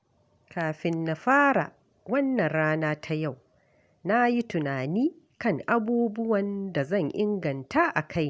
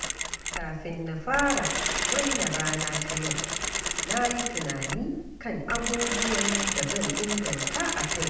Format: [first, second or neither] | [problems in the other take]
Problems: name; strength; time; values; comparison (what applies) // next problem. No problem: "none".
first | background sound (Mechanisms); 1 dB above the speech // room echo; dies away in 0.8 s